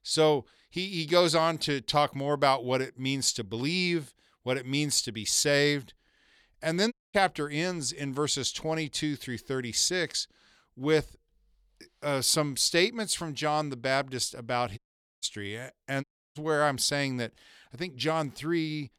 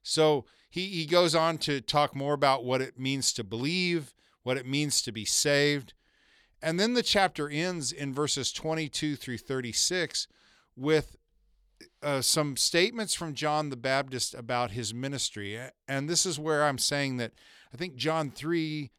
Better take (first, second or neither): second